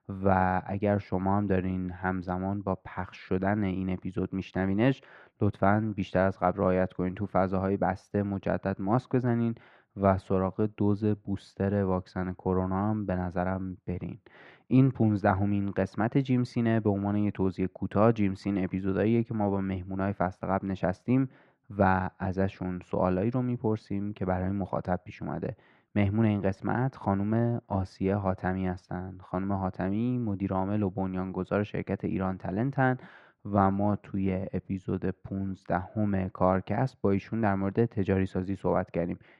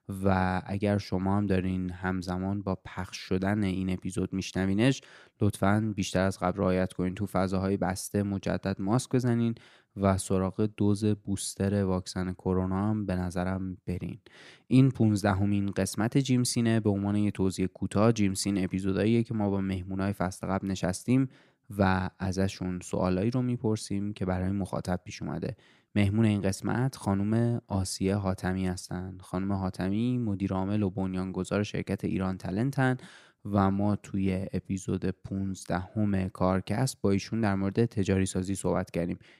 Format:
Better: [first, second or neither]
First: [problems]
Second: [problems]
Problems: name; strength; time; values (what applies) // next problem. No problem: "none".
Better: second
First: muffled; very; fading above 2 kHz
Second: none